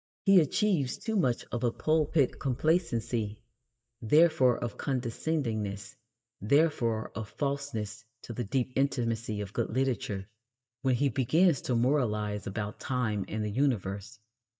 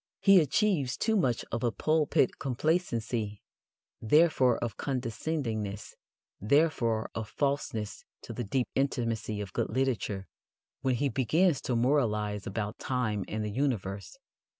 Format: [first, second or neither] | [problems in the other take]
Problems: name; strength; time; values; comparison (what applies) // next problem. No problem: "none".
second | noise reduction (neural mask model DeepFilterNet 3)